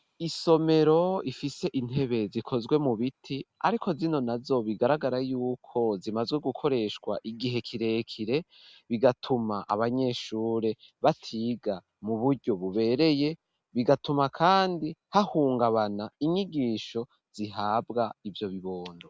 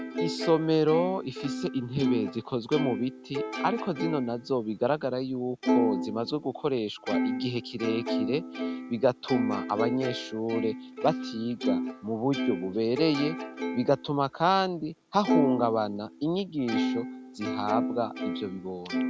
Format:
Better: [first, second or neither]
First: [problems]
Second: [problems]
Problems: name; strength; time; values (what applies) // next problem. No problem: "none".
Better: first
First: none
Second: background sound (Plucked string instrument); 3 dB below the speech